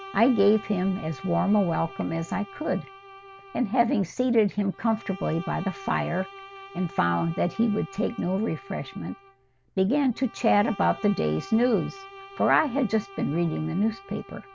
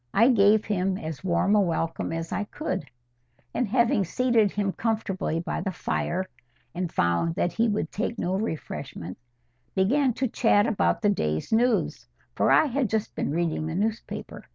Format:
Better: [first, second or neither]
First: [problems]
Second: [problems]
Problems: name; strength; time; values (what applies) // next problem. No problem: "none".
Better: second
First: background sound (Bowed string instrument); 18 dB below the speech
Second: none